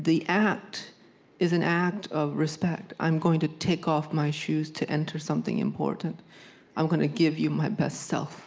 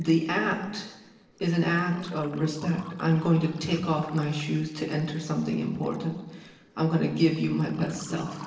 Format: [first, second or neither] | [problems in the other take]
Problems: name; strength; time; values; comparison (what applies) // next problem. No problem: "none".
first | noise reduction (neural separator model SepFormer DNS4)